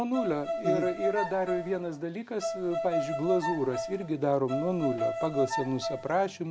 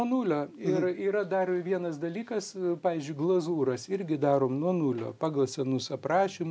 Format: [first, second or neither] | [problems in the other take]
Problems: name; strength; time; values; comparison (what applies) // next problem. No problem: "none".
second | background sound (Bowed string instrument); 3 dB below the speech